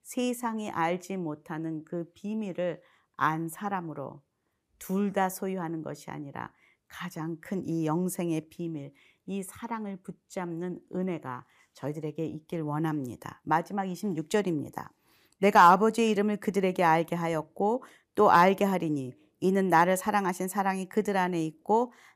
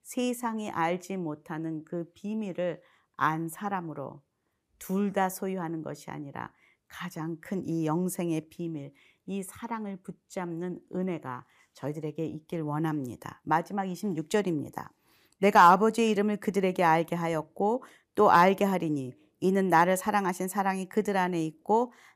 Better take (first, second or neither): neither